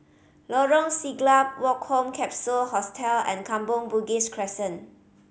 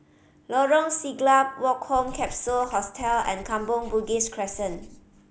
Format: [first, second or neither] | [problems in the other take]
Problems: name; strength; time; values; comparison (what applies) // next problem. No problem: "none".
first | background sound (Writing); 16 dB below the speech